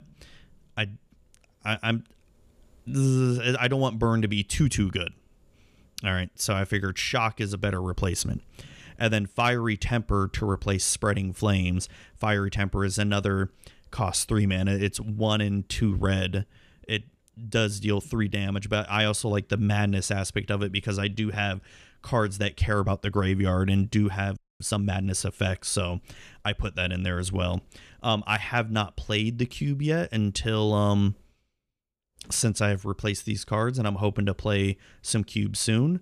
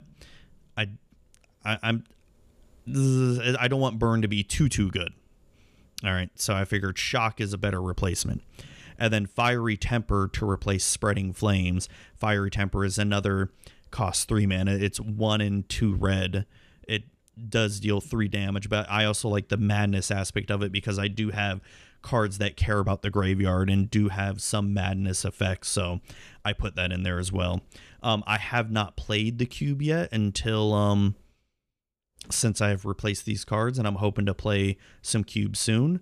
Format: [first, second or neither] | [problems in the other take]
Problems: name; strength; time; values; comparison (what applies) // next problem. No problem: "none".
second | audio freezing; at 24 s